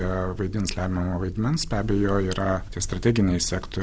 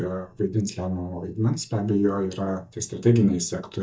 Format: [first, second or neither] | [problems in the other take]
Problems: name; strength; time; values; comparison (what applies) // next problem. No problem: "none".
first | noise reduction (neural mask model DeepFilterNet 3)